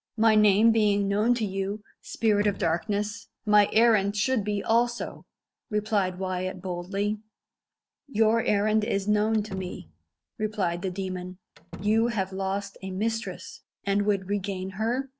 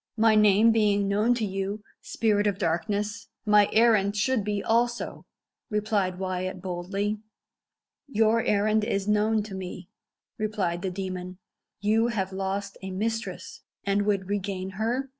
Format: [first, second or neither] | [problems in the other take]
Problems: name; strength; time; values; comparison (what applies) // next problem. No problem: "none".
second | background sound (Slam); 19 dB below the speech